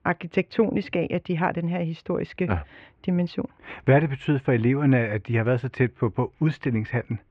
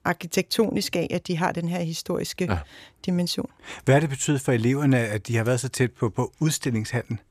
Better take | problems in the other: second | muffled; very; fading above 2.5 kHz

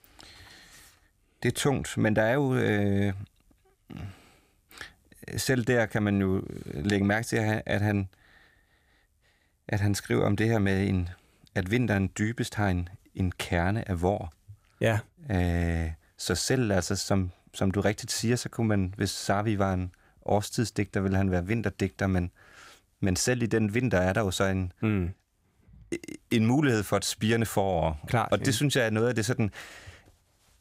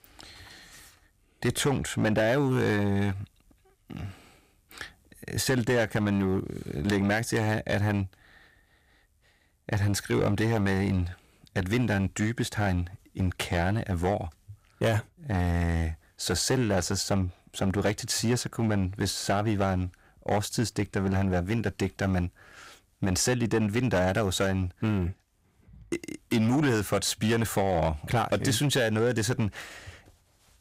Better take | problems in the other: first | distortion; slight; 7% of the sound clipped

